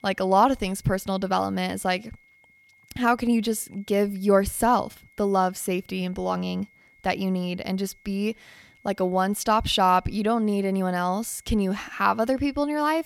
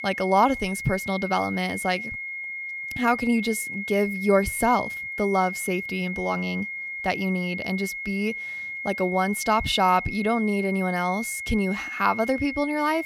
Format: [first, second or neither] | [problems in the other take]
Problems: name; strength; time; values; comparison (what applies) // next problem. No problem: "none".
first | high-pitched whine; loud; throughout; 2 kHz, 6 dB below the speech; faint in the first